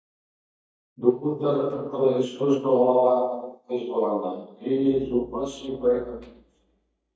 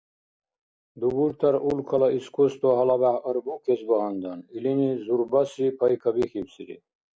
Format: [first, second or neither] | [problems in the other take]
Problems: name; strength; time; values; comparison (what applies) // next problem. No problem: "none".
second | noise reduction (neural mask model DeepFilterNet 3)